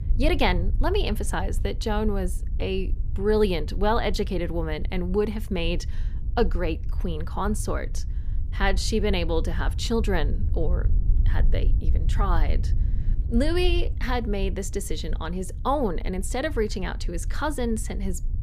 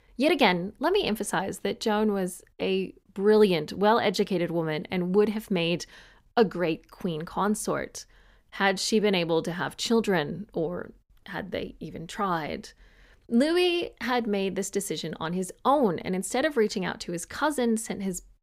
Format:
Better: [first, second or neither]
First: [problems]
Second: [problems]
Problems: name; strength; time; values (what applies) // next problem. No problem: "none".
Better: second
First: low rumble; noticeable; throughout; 20 dB below the speech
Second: none